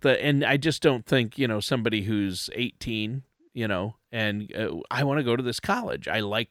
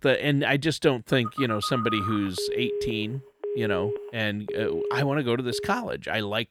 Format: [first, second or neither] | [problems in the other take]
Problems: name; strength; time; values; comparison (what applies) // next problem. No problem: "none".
first | phone ringing; noticeable; from 1 to 6 s; peak 2 dB below the speech